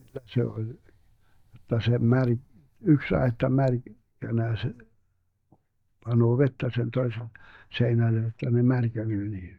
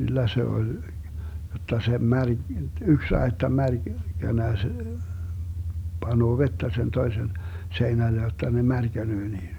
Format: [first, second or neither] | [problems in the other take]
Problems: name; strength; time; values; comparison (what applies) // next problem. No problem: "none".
second | noise reduction (neural mask model DeepFilterNet 3)